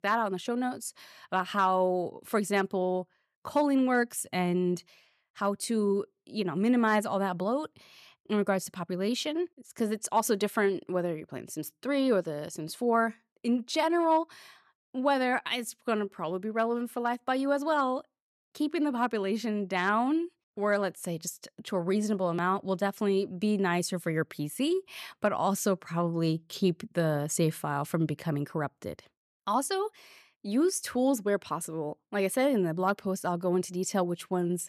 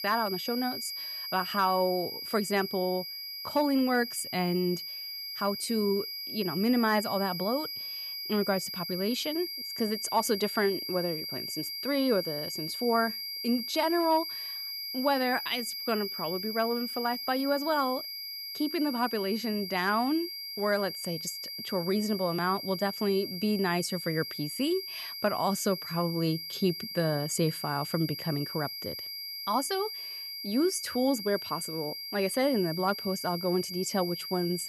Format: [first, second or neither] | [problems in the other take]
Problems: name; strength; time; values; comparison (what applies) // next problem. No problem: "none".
first | high-pitched whine; loud; throughout; 5 kHz, 5 dB below the speech